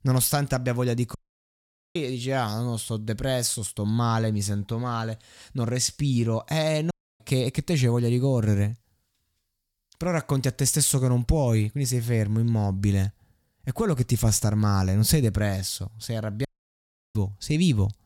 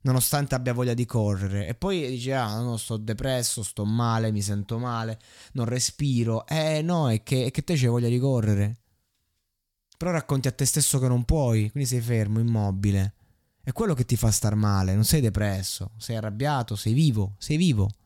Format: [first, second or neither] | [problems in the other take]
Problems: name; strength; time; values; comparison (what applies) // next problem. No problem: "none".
second | audio cutting out; at 1 s for 1 s, at 7 s and at 16 s for 0.5 s